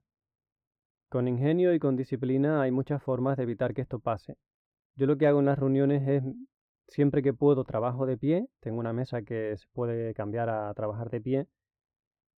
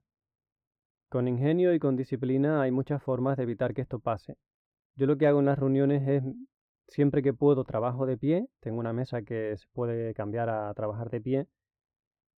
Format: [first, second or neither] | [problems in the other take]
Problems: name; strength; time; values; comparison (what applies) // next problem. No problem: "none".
neither | muffled; very; fading above 2 kHz; the same in both